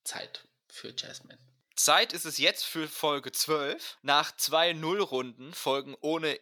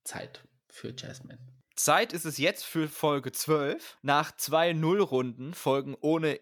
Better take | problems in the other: second | thin; very slightly; fading below 1 kHz

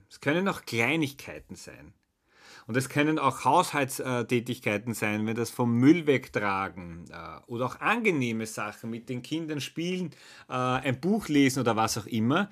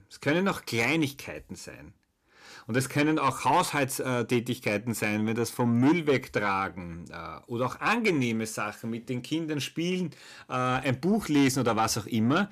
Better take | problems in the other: first | distortion; slight; 10 dB below the speech

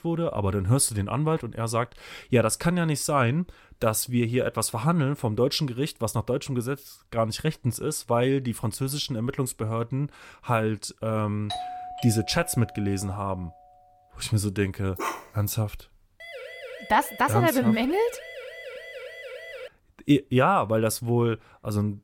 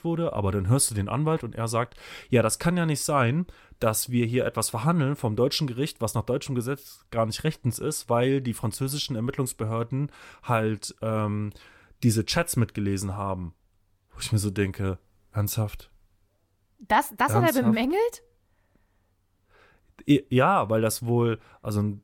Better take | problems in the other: second | doorbell; noticeable; from 12 to 13 s; peak 8 dB below the speech // dog barking; noticeable; at 15 s; peak 6 dB below the speech // siren; faint; from 16 to 20 s; peak 15 dB below the speech

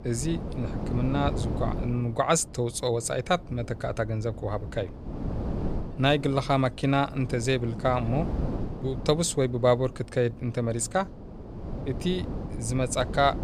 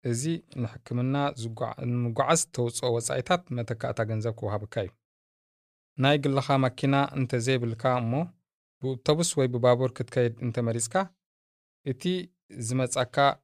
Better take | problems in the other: second | wind noise on the microphone; occasional gusts; 15 dB below the speech

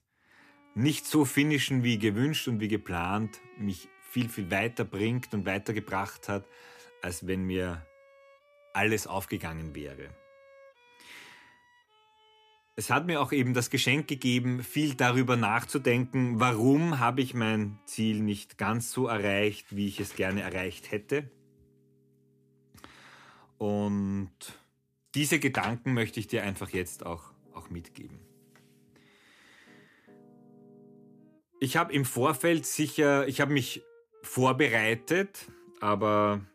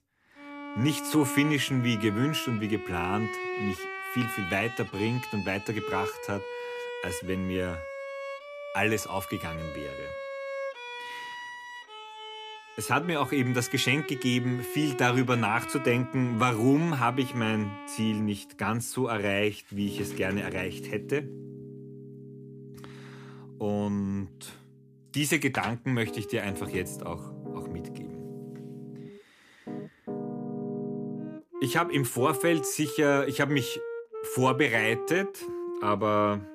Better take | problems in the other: first | background music; loud; throughout; 10 dB below the speech; faint in the first

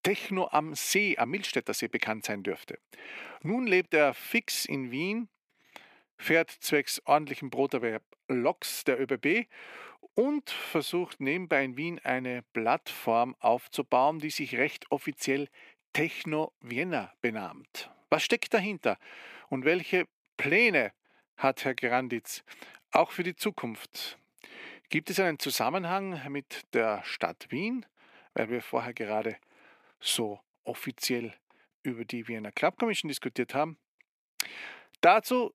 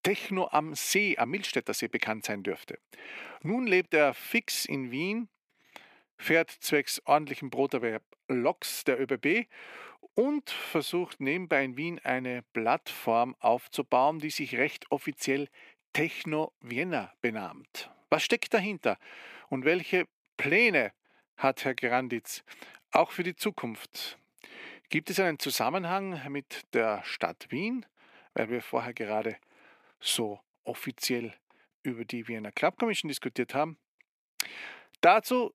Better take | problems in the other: neither | thin; somewhat; fading below 250 Hz; the same in both

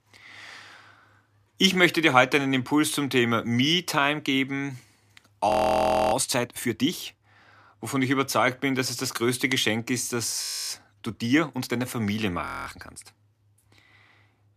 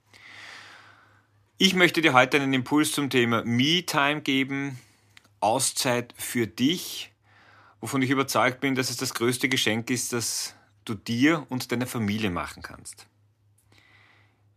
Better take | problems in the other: second | audio freezing; at 5.5 s for 0.5 s, at 10 s and at 12 s

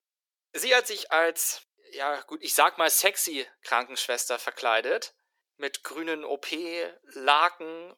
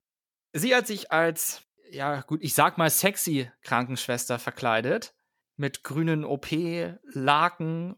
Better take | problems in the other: second | thin; very; fading below 350 Hz

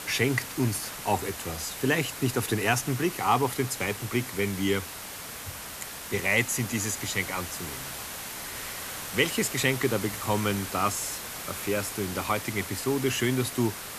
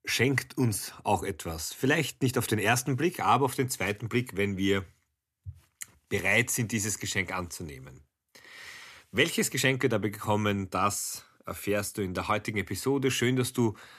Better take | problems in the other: second | hiss; loud; throughout; 8 dB below the speech

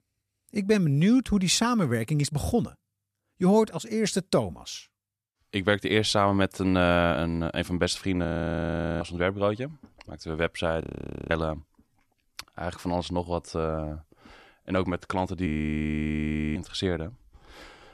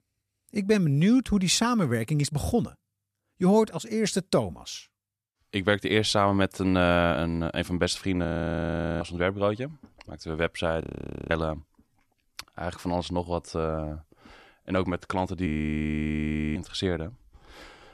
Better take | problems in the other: neither | audio freezing; at 8.5 s for 1 s, at 11 s and at 15 s for 1 s; the same in both

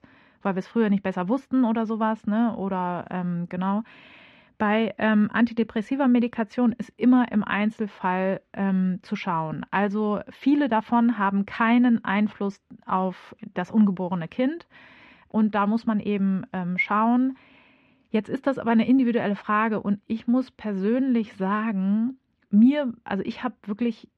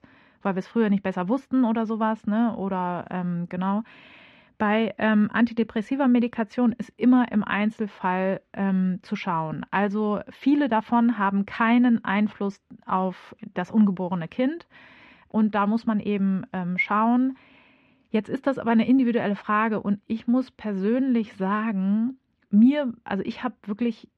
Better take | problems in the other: neither | muffled; slightly; fading above 2.5 kHz; the same in both

